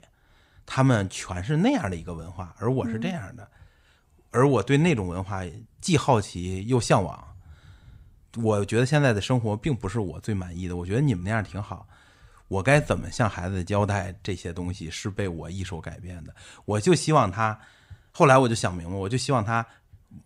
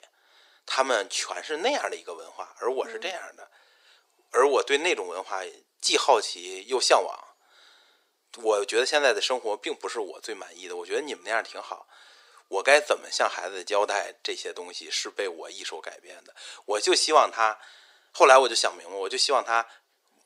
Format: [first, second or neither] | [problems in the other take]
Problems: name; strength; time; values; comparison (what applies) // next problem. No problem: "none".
first | thin; very; fading below 400 Hz